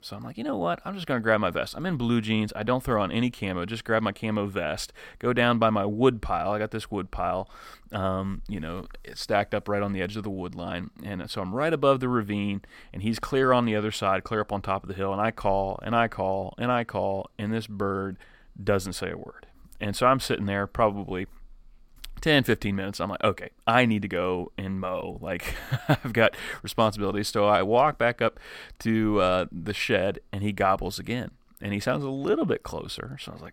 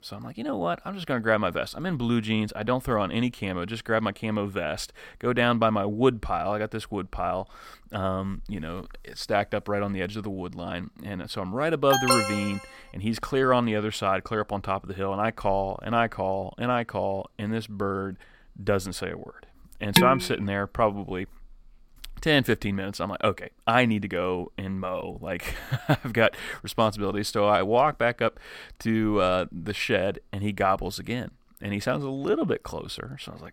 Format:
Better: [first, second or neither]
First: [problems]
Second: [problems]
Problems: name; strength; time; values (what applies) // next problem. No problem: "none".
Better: first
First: none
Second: alarm; loud; at 12 s; peak 5 dB above the speech // clattering dishes; loud; at 20 s; peak 6 dB above the speech